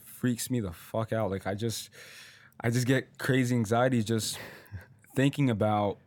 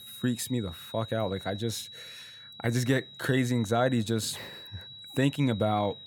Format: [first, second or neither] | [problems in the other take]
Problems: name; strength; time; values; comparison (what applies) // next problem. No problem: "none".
first | high-pitched whine; noticeable; throughout; 4 kHz, 15 dB below the speech